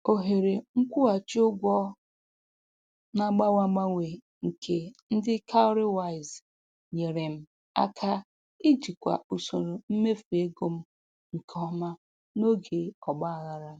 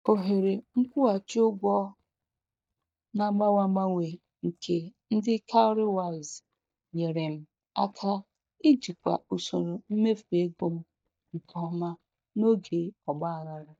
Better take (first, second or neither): first